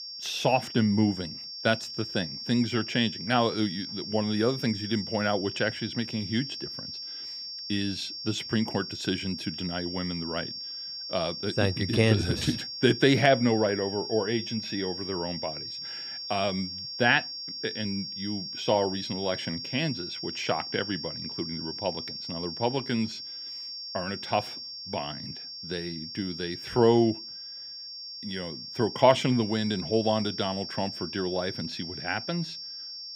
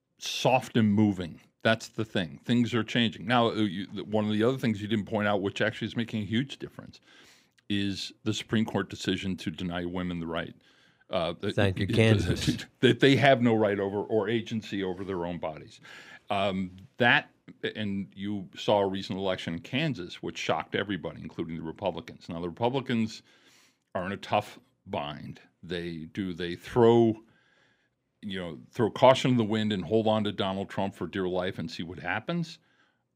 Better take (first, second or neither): second